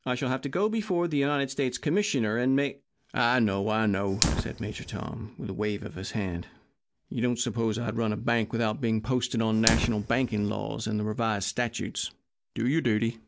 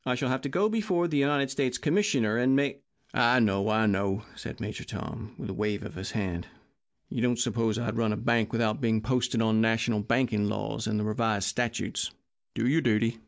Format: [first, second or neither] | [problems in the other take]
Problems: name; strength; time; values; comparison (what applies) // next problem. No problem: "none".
second | background sound (Fire); 10 dB below the speech